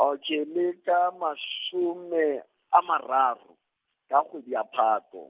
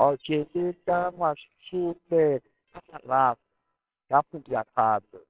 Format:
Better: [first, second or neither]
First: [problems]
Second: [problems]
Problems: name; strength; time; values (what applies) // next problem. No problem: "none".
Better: first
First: none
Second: noise reduction (neural separator model SepFormer WHAMR!)